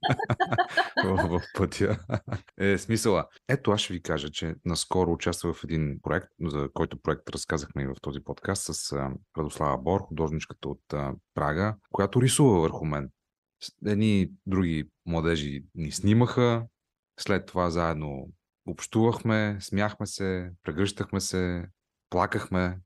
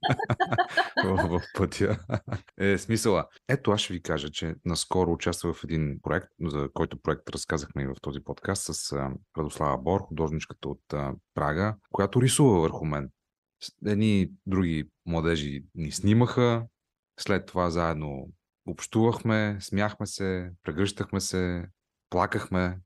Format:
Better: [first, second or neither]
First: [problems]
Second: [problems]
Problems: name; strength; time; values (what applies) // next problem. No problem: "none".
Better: neither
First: none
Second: none